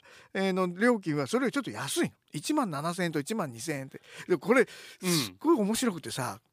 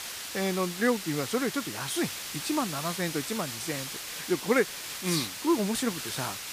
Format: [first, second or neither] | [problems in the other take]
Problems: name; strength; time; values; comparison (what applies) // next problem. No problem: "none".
first | hiss; loud; throughout; 5 dB below the speech